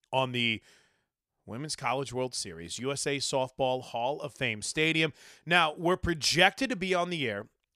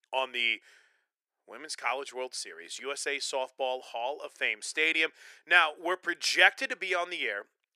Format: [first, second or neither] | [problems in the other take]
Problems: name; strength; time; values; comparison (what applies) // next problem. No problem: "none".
first | thin; very; fading below 350 Hz